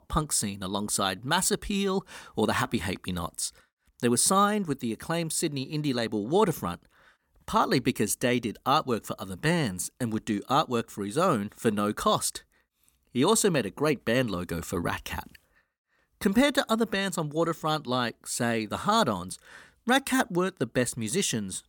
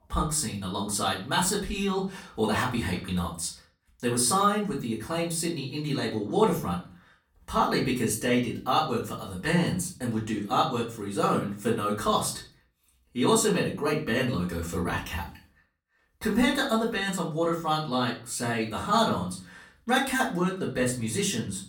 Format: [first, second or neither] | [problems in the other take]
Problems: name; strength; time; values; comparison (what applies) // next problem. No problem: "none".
first | room echo; slight; dies away in 0.3 s // off-mic speech; far